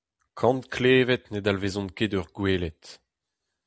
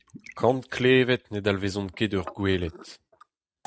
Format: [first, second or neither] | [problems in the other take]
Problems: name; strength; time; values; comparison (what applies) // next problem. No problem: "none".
first | noise reduction (neural mask model RNNoise)